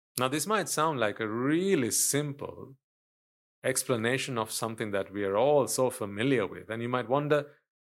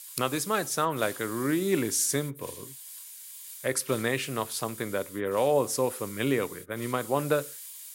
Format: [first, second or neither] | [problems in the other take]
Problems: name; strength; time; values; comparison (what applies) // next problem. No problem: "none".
first | hiss; noticeable; throughout; 15 dB below the speech